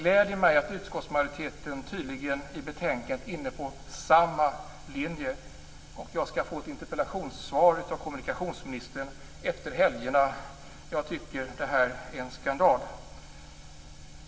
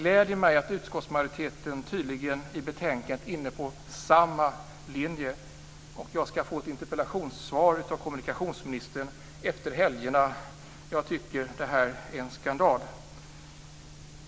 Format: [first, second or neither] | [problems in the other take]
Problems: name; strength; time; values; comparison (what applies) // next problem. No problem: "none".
second | room echo; dies away in 1.5 s